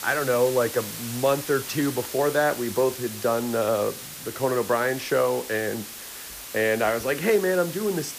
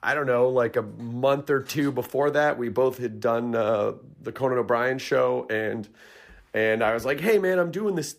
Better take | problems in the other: second | hiss; noticeable; throughout; 10 dB below the speech

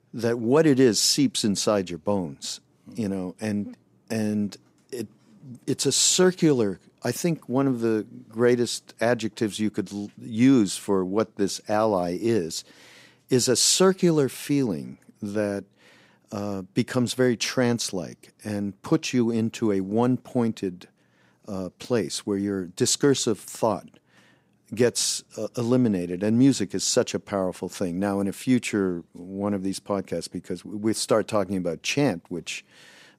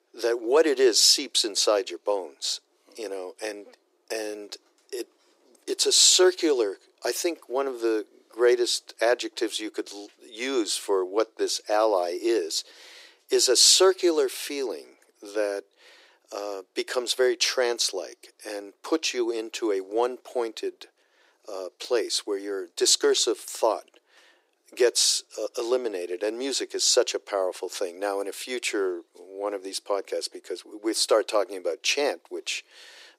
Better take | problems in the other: first | thin; very; fading below 350 Hz

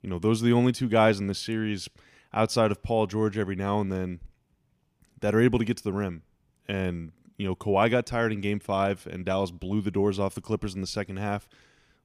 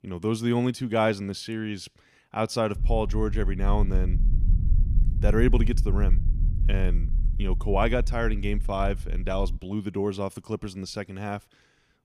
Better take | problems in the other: first | low rumble; noticeable; from 3 to 9.5 s; 15 dB below the speech

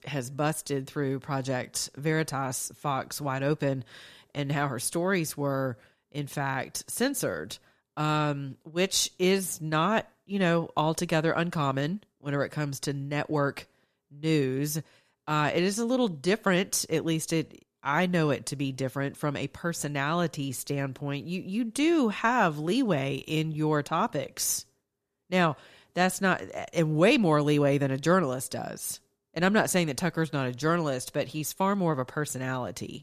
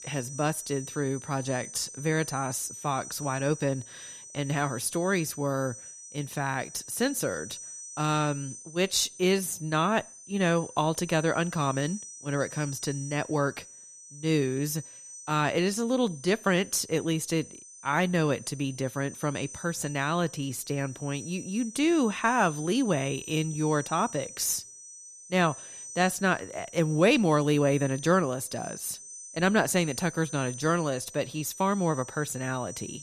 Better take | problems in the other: first | high-pitched whine; noticeable; throughout; 6 kHz, 15 dB below the speech

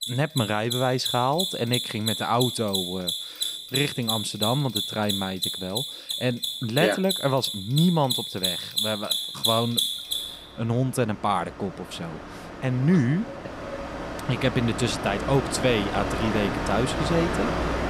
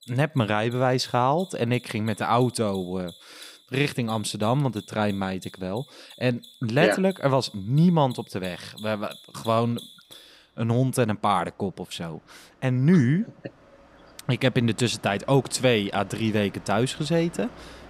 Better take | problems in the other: second | machinery noise; loud; throughout; 2 dB below the speech; faint in the second

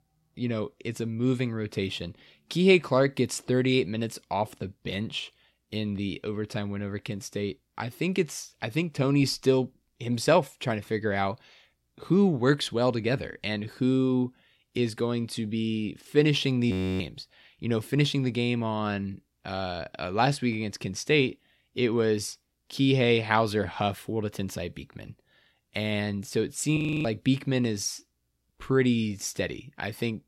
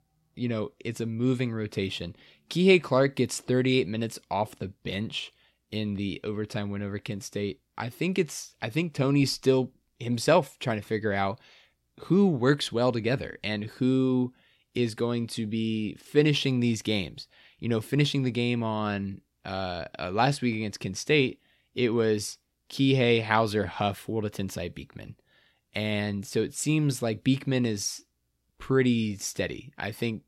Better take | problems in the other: second | audio freezing; at 17 s and at 27 s

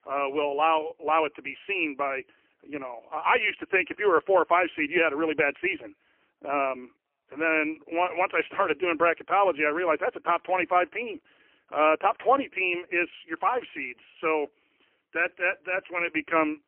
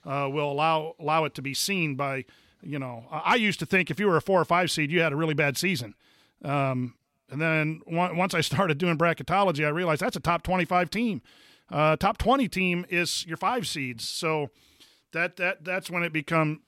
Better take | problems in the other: second | phone-call audio; poor line; nothing above 3 kHz

